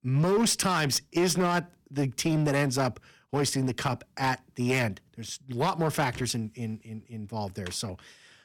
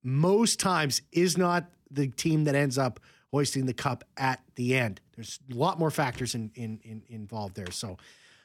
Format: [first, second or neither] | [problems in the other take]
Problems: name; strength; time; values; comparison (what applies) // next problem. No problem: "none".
second | distortion; slight; 7% of the sound clipped